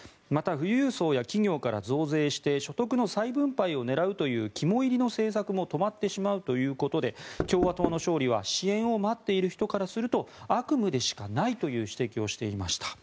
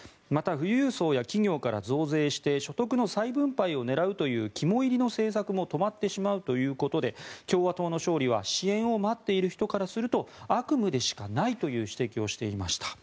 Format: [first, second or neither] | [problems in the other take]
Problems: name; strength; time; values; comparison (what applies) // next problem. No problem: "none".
second | background sound (Knock); 3 dB below the speech